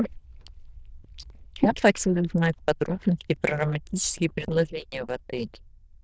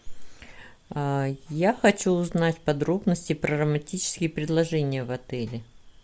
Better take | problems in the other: second | noise reduction (neural diffusion model UNIVERSE++)

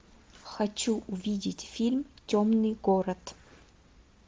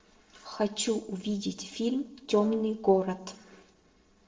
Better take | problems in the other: first | noise reduction (neural separator model SepFormer DNS4)

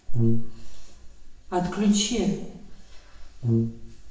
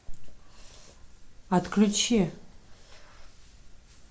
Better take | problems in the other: second | background sound (Brass instrument); 1 dB below the speech // room echo; dies away in 0.8 s

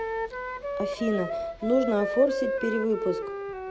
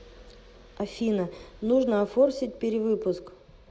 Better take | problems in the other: second | background sound (Wind instrument, woodwind instrument); 4 dB below the speech

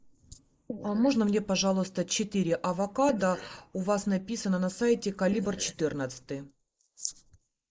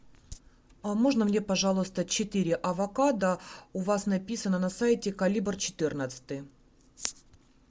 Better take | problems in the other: second | noise reduction (neural mask model Resemble Enhance denoiser)

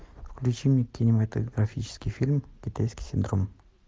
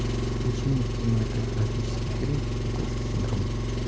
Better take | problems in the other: first | background sound (Engine); 3 dB above the speech

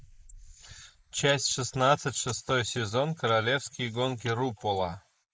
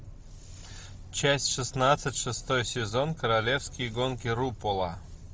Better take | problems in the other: second | noise reduction (neural mask model Resemble Enhance denoiser)

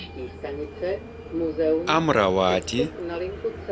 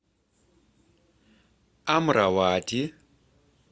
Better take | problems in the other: second | background sound (Subway, metro, underground); 2 dB below the speech

